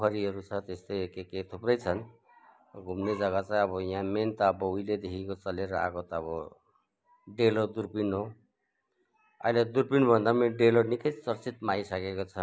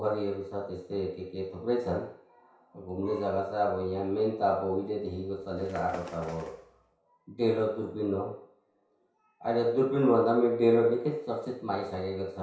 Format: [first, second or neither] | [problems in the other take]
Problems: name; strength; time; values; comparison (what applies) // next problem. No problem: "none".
first | background sound (Bird); 18 dB below the speech // room echo; dies away in 0.6 s